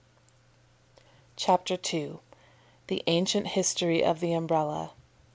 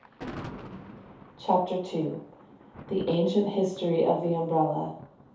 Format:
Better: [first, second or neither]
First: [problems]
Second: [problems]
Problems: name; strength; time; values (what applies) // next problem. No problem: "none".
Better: first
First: none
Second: background sound (Thunder); 17 dB below the speech // room echo; dies away in 0.5 s